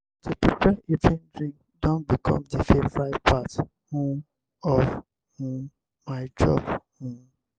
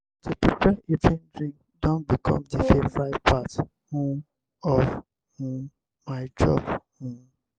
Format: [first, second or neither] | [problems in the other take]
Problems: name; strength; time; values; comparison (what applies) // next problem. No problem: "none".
first | background sound (Brass instrument); 11 dB below the speech